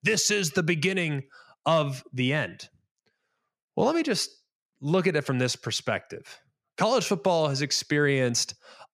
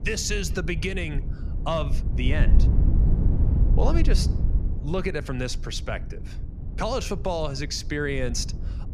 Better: first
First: none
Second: wind noise on the microphone; occasional gusts; 10 dB below the speech

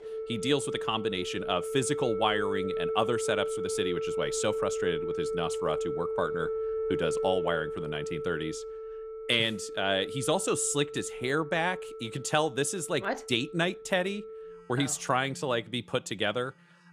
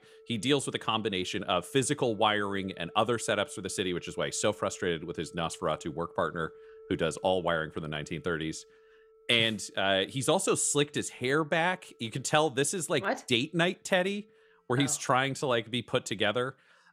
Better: second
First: alarms or sirens; loud; throughout; 5 dB below the speech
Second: alarms or sirens; faint; throughout; 25 dB below the speech

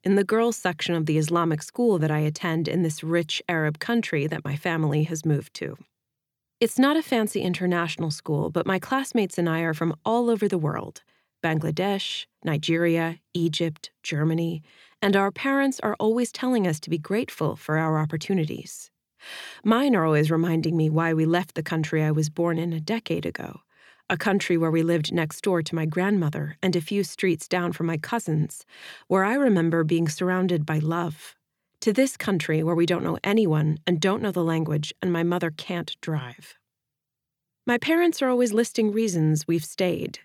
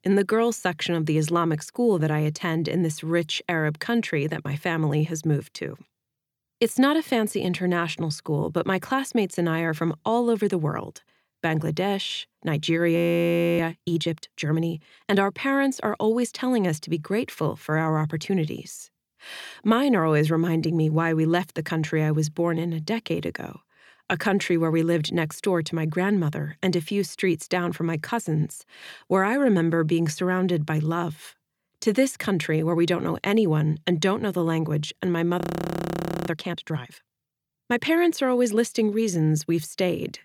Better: first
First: none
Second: audio freezing; at 13 s for 0.5 s and at 35 s for 1 s

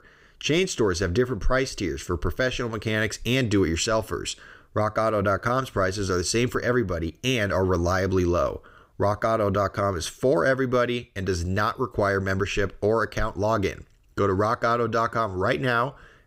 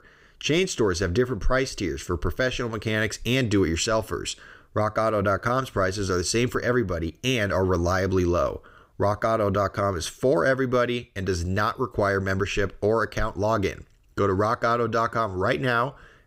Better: neither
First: none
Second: none

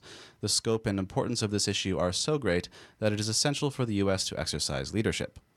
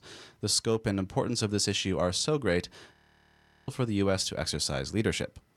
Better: first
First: none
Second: audio freezing; at 3 s for 1 s

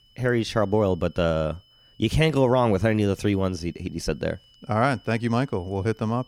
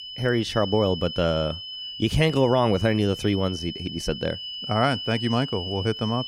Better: first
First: high-pitched whine; faint; throughout; 3 kHz, 30 dB below the speech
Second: high-pitched whine; loud; throughout; 3 kHz, 9 dB below the speech

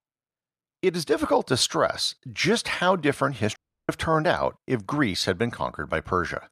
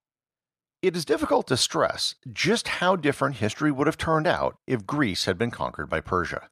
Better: second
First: audio cutting out; at 3.5 s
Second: none

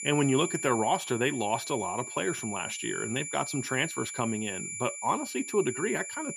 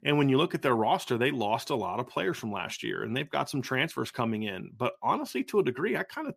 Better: second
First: high-pitched whine; loud; throughout; 7 kHz, 6 dB below the speech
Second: none

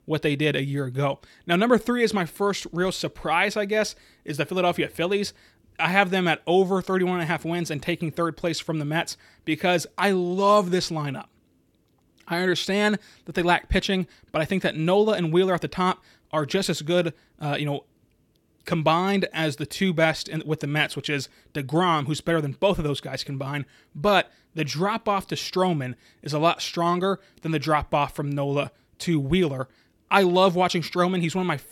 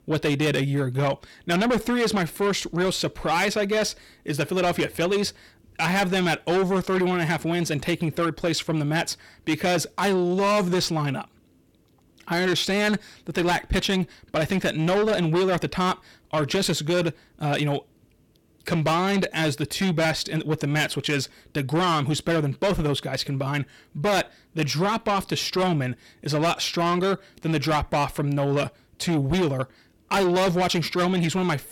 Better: first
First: none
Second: distortion; heavy; 8 dB below the speech

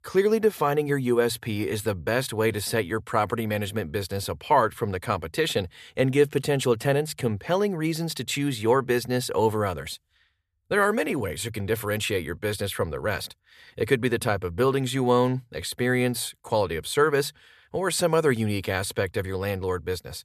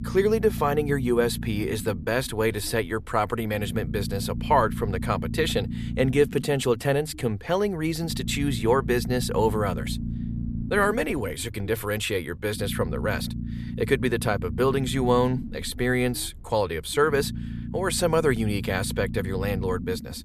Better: first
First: none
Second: low rumble; noticeable; throughout; 15 dB below the speech

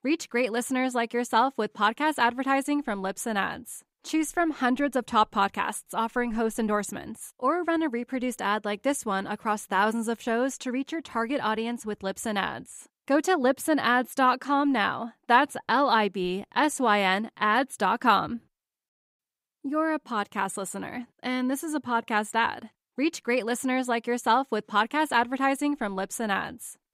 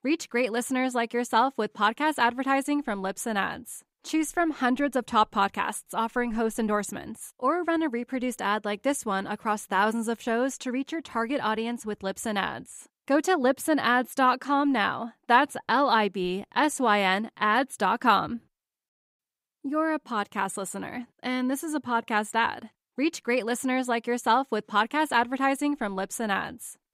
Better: neither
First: none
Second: none

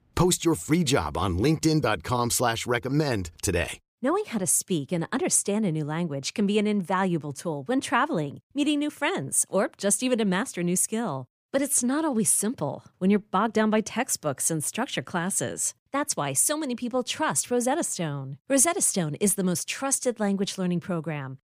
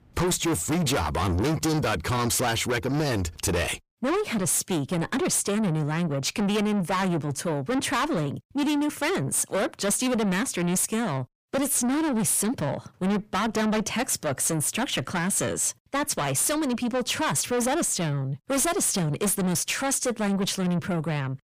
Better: first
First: none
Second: distortion; heavy; 6 dB below the speech

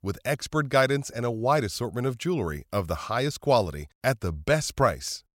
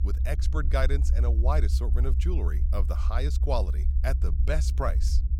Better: first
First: none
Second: low rumble; noticeable; throughout; 10 dB below the speech

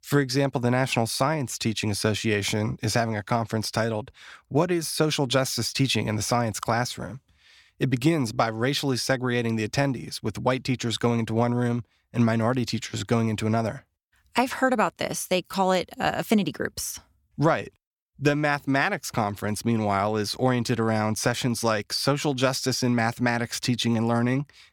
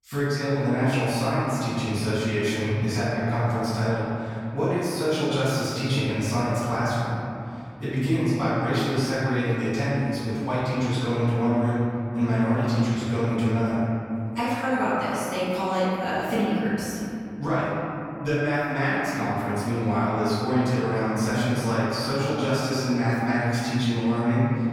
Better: first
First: none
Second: room echo; strong; dies away in 2.9 s // off-mic speech; far

